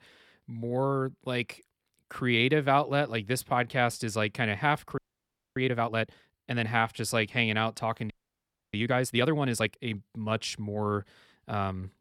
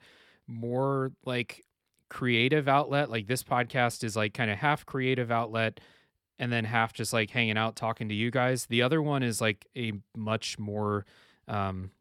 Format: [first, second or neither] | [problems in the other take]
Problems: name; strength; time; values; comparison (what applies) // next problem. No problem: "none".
second | audio freezing; at 5 s for 0.5 s and at 8 s for 0.5 s